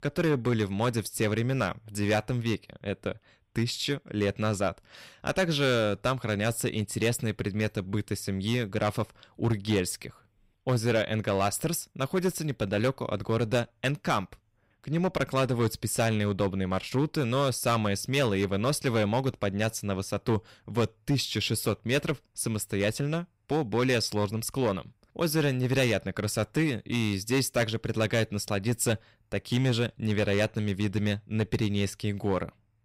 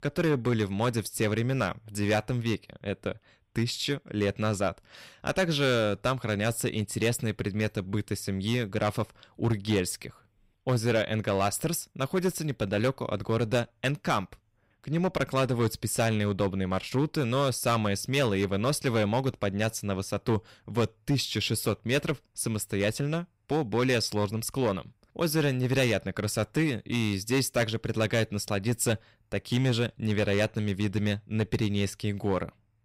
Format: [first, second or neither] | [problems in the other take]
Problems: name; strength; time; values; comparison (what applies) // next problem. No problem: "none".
neither | distortion; slight; 5% of the sound clipped; the same in both